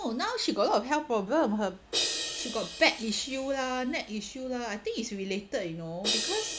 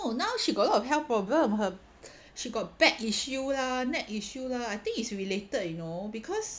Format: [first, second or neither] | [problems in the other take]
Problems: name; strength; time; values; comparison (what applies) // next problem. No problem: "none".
second | background sound (Crash cymbal); 8 dB below the speech